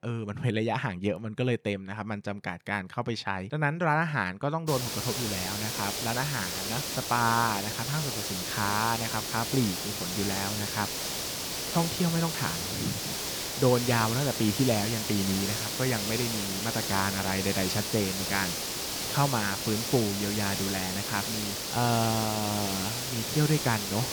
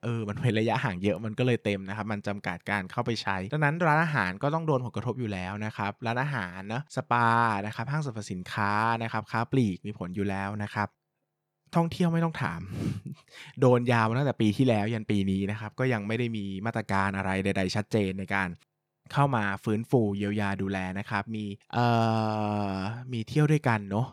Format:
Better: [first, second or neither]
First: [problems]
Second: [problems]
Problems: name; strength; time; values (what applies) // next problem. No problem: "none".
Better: second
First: hiss; loud; from 4.5 s on; 1 dB below the speech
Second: none